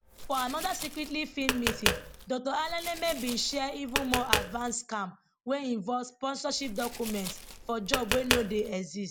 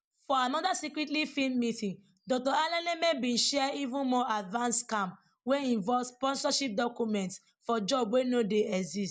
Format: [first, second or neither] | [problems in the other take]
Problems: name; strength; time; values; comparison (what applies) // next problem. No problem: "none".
second | background sound (Tap); 2 dB below the speech